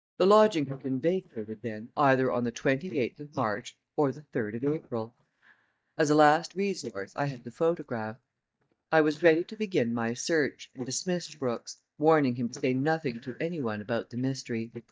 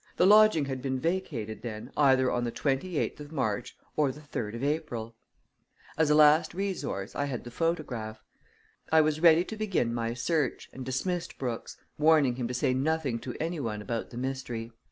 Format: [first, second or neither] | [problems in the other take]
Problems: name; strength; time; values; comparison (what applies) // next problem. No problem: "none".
second | noise reduction (neural mask model DeepFilterNet 3)